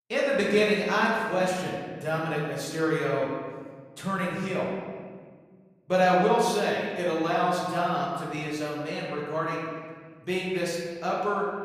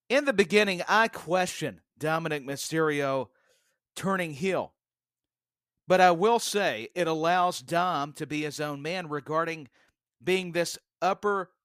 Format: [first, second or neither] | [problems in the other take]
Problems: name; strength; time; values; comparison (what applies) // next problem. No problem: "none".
second | room echo; noticeable; dies away in 1.6 s // off-mic speech; far